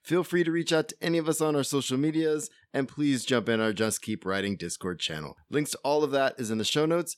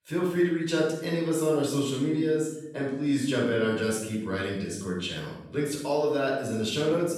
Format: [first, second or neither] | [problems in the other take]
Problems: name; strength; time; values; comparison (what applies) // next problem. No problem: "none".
first | room echo; noticeable; dies away in 0.8 s // off-mic speech; far